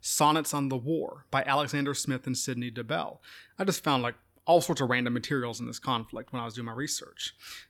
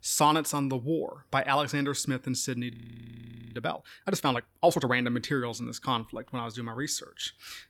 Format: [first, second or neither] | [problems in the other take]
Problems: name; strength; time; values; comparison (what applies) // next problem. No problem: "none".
first | audio freezing; at 2.5 s for 1 s